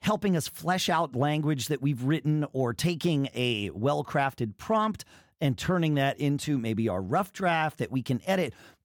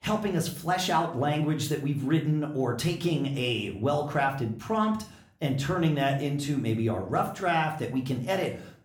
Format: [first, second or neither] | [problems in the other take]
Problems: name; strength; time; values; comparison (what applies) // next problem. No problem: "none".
first | room echo; slight; dies away in 0.4 s // off-mic speech; somewhat distant